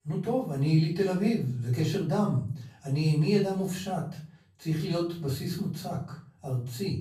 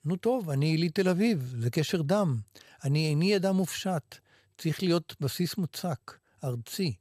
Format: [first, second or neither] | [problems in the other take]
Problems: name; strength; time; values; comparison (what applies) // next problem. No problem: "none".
second | off-mic speech; far // room echo; noticeable; dies away in 0.5 s